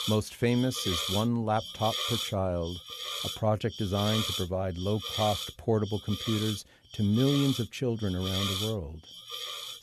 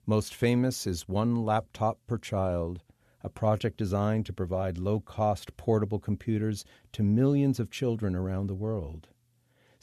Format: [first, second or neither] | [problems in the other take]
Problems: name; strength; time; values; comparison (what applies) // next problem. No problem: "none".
second | hiss; loud; throughout; 4 dB below the speech